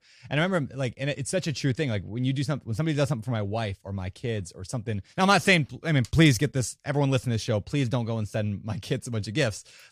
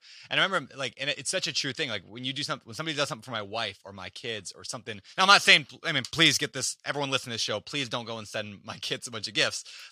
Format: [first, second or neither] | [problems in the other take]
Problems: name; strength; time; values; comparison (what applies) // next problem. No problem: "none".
first | thin; somewhat; fading below 650 Hz